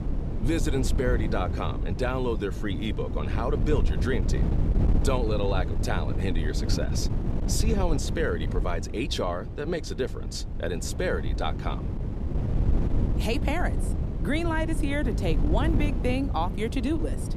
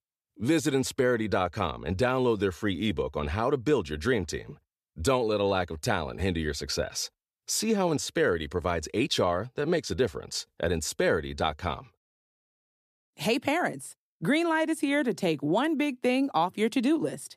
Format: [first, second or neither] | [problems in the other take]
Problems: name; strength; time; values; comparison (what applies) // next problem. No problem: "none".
second | wind noise on the microphone; heavy; 8 dB below the speech